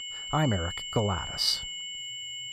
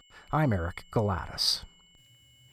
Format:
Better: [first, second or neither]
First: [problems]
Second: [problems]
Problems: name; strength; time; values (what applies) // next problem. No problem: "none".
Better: second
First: high-pitched whine; loud; throughout; 3 kHz, 6 dB below the speech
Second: high-pitched whine; faint; throughout; 3 kHz, 30 dB below the speech